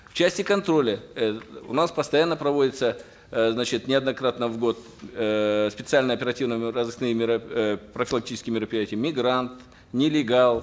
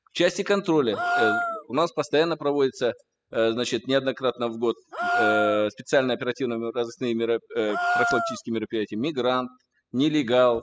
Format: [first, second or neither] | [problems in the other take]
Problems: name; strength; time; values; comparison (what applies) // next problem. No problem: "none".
first | noise reduction (classical method spectral subtraction)